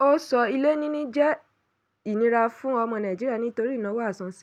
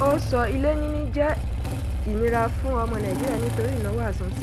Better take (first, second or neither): first